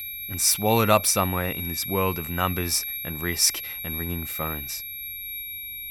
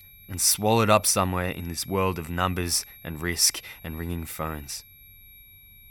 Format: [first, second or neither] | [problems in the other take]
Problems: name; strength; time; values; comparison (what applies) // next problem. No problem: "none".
second | high-pitched whine; loud; throughout; 11.5 kHz, 7 dB below the speech; faint in the second